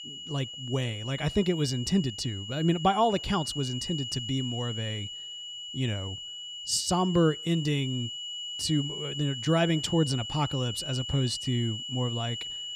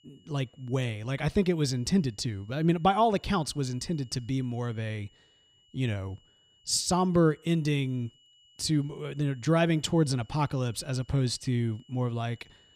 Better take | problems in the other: second | high-pitched whine; loud; throughout; 3 kHz, 7 dB below the speech; faint in the second

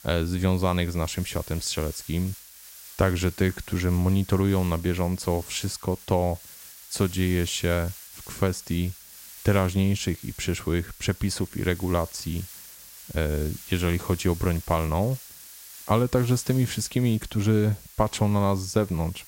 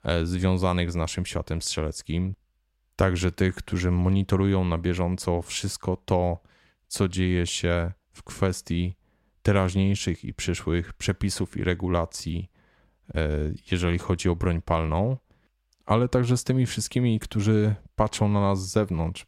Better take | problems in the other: second | hiss; noticeable; throughout; 15 dB below the speech

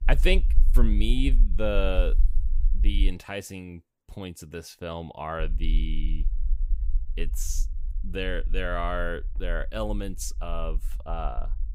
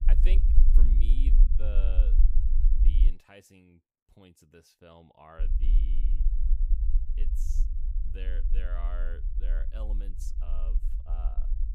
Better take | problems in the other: first | low rumble; loud; until 3 s and from 5.5 s on; 4 dB below the speech; faint in the first

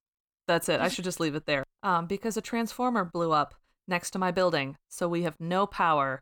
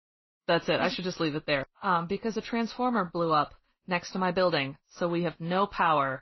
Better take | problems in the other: first | garbled, watery; slightly; nothing above 6 kHz

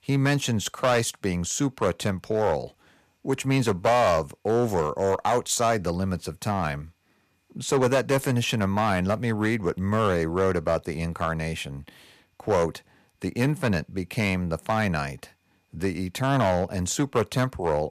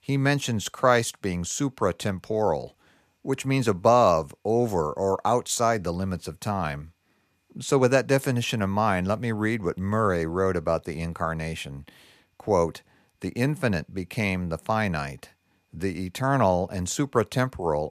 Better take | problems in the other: second | distortion; slight; 4% of the sound clipped

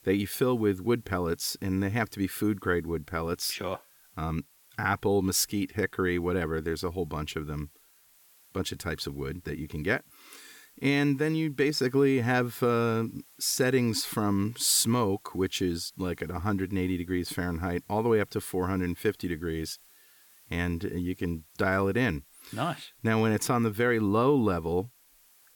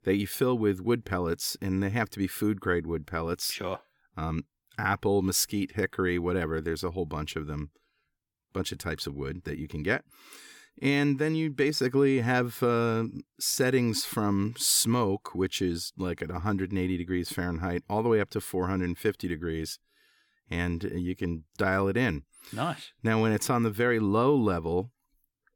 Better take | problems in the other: second | hiss; faint; throughout; 25 dB below the speech

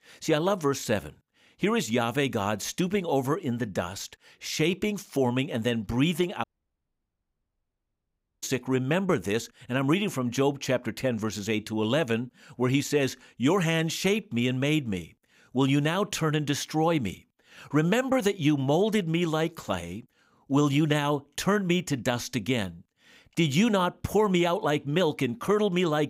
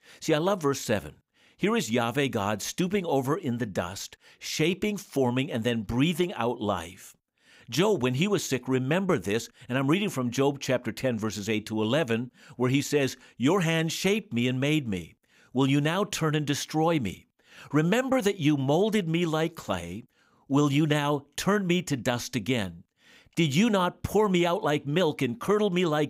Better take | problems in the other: second | audio cutting out; at 6.5 s for 2 s

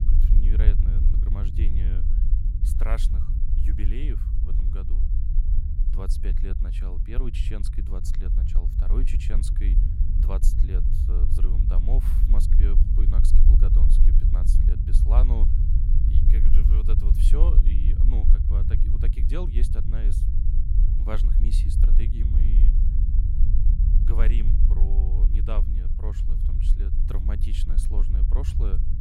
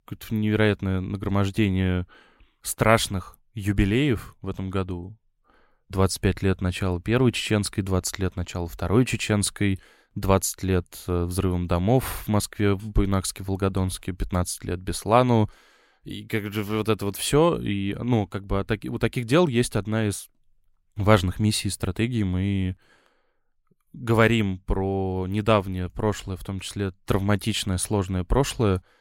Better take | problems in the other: second | low rumble; loud; throughout; 2 dB below the speech

